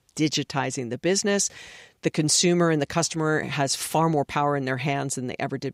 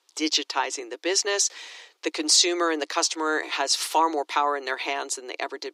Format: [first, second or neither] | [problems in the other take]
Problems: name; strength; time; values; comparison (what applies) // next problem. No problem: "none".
first | thin; very; fading below 300 Hz